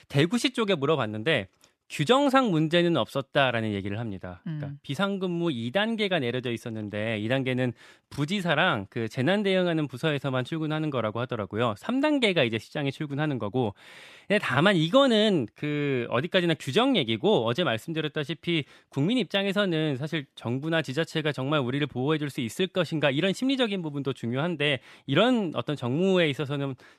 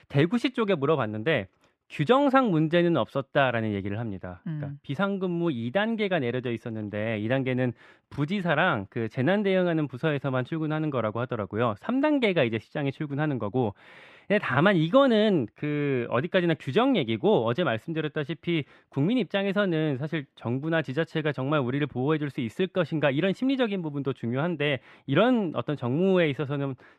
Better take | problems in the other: first | muffled; slightly; fading above 3.5 kHz

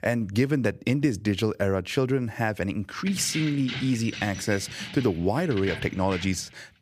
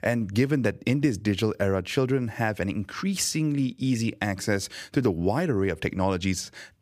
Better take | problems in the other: second | jangling keys; noticeable; from 3 s on; peak 7 dB below the speech

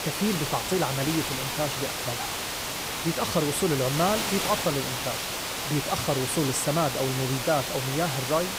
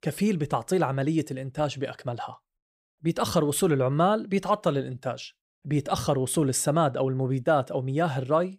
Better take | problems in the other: second | hiss; loud; throughout; 1 dB below the speech

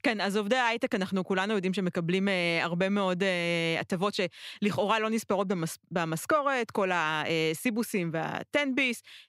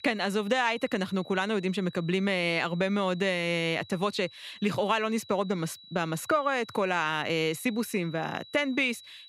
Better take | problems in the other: first | high-pitched whine; faint; throughout; 4 kHz, 20 dB below the speech

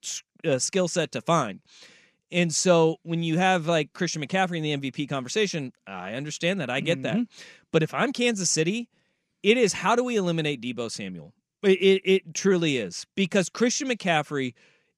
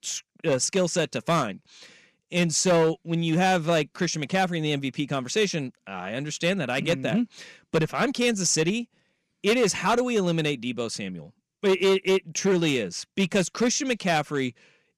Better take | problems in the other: first | distortion; slight; 5% of the sound clipped

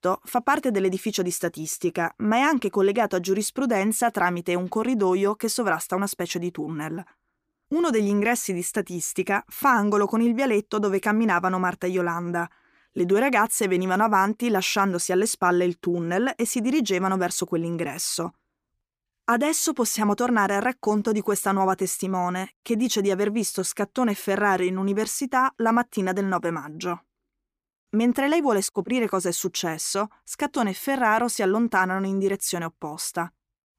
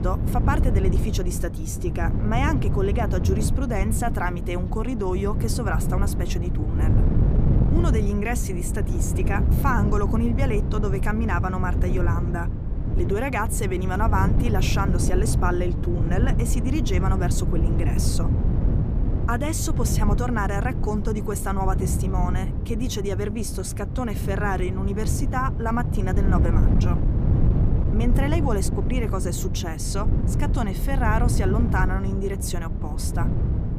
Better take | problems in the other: first | wind noise on the microphone; heavy; 6 dB below the speech

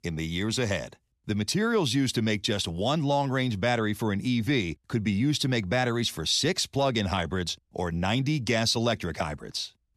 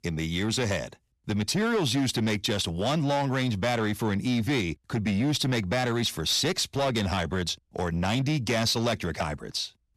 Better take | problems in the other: first | distortion; slight; 12% of the sound clipped

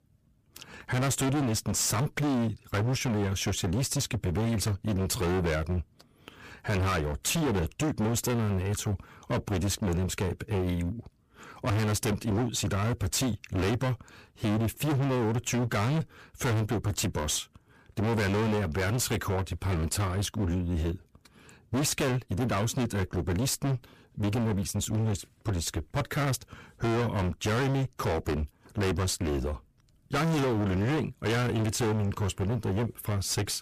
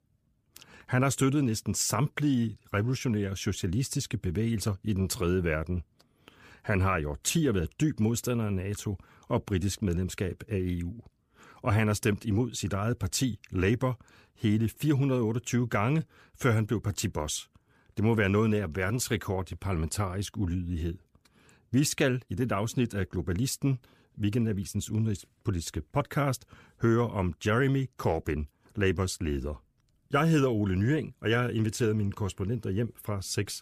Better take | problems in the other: second | distortion; heavy; 28% of the sound clipped

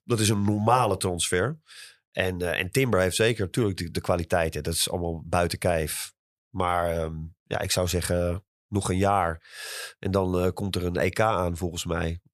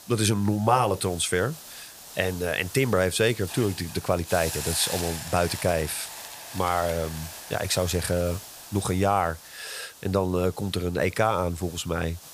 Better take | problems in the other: first | hiss; noticeable; throughout; 10 dB below the speech

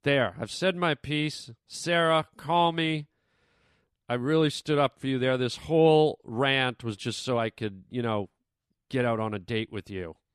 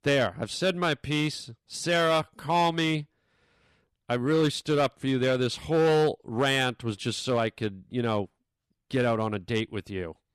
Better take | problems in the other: first | distortion; slight; 5% of the sound clipped

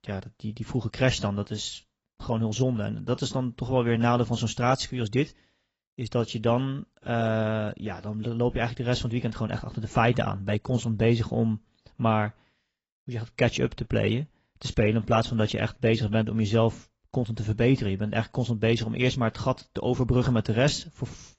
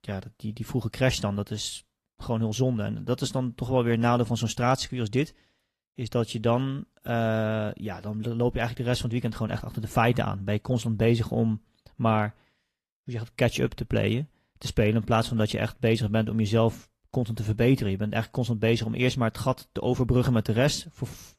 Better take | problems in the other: second | garbled, watery; badly; nothing above 7.5 kHz; slightly in the second

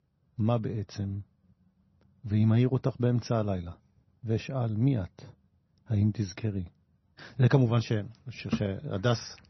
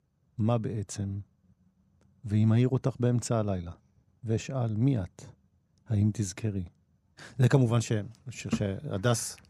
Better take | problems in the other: second | garbled, watery; slightly; nothing above 6 kHz

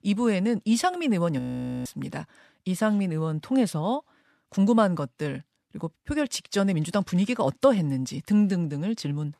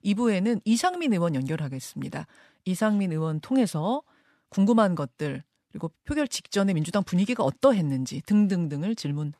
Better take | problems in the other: second | audio freezing; at 1.5 s

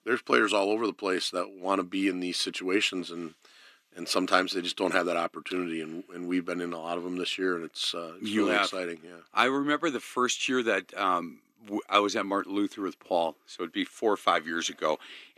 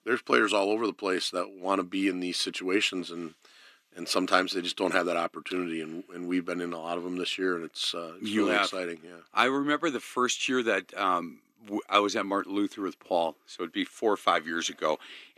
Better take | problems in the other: neither | thin; somewhat; fading below 300 Hz; the same in both

